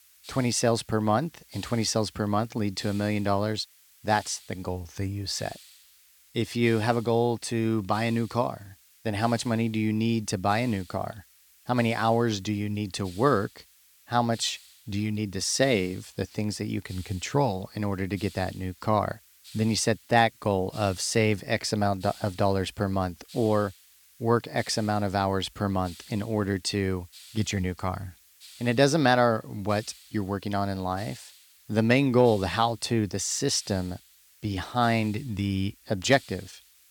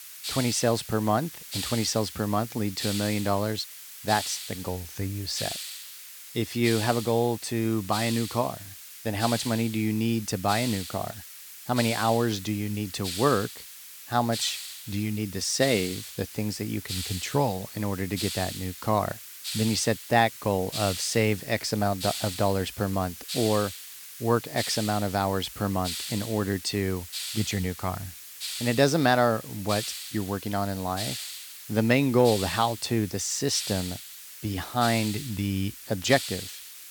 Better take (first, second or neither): first